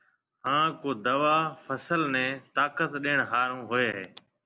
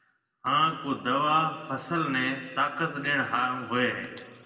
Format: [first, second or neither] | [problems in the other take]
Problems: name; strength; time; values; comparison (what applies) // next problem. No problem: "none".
first | room echo; dies away in 1.9 s